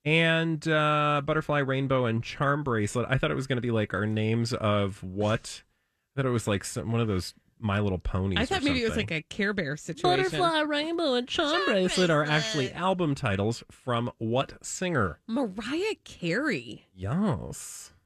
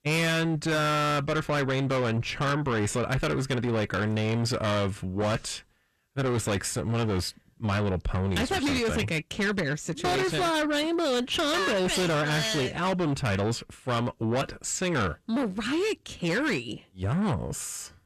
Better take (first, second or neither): first